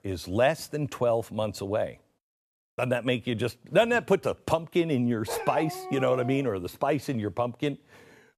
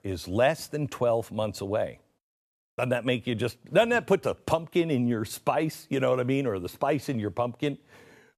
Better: second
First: dog barking; noticeable; from 5.5 to 6.5 s; peak 6 dB below the speech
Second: none

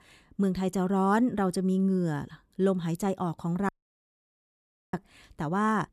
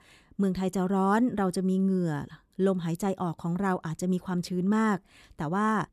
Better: second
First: audio cutting out; at 3.5 s for 1 s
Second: none

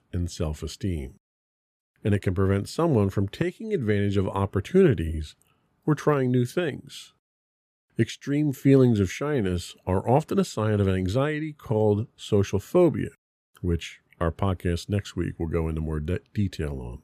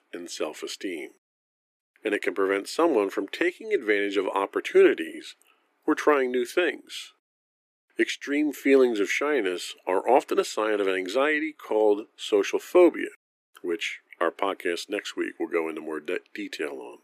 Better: first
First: none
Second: thin; somewhat; fading below 300 Hz

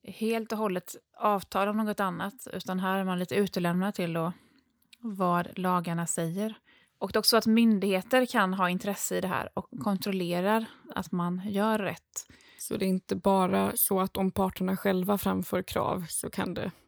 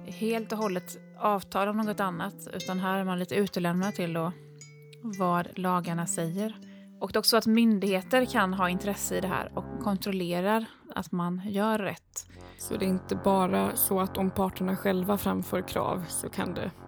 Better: first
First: none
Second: background music; noticeable; throughout; 15 dB below the speech

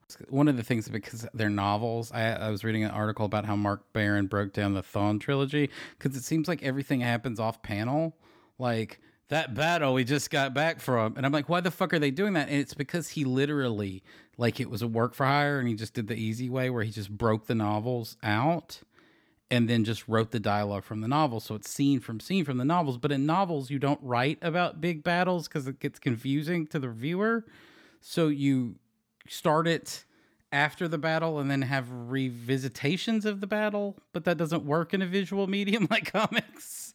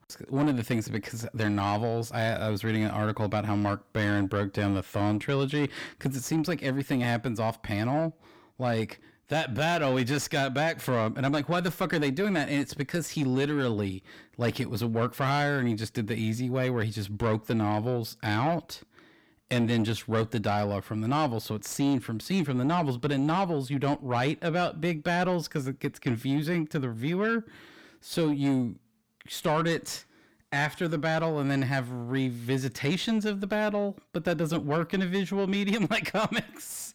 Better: first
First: none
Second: distortion; slight; 10 dB below the speech

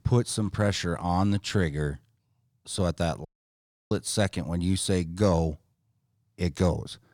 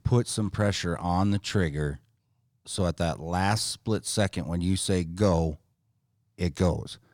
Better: second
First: audio cutting out; at 3.5 s for 0.5 s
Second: none

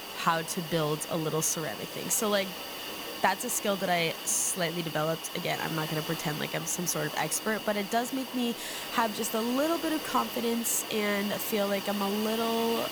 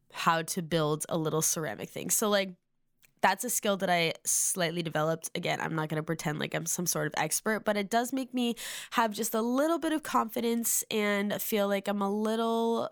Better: second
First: hiss; loud; throughout; 7 dB below the speech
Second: none

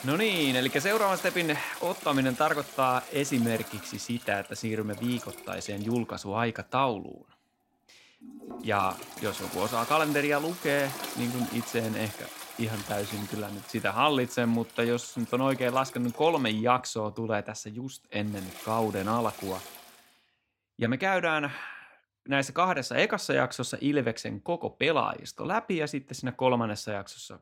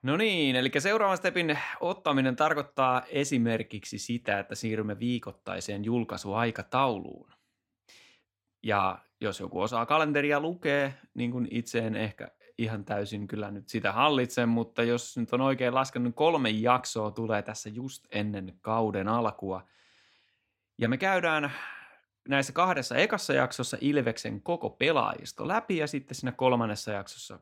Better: second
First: household noises; noticeable; until 20 s; 10 dB below the speech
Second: none

